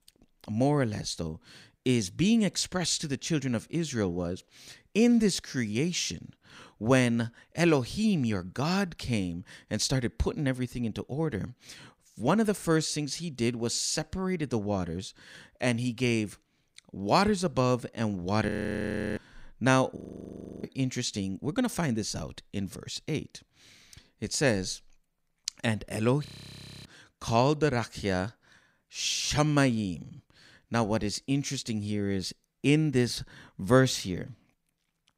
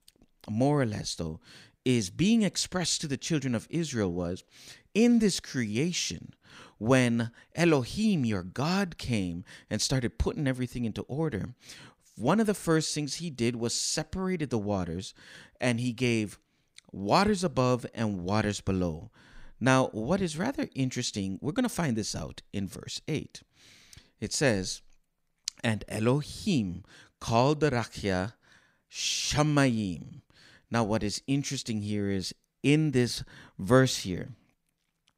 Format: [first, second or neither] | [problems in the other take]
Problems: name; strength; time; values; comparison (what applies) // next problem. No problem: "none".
second | audio freezing; at 18 s for 0.5 s, at 20 s for 0.5 s and at 26 s for 0.5 s